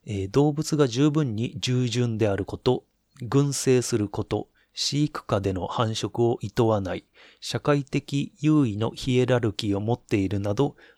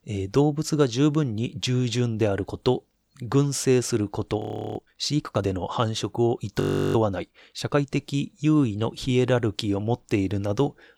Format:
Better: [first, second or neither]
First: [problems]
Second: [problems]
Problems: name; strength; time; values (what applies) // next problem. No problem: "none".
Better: first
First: none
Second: audio freezing; at 4.5 s and at 6.5 s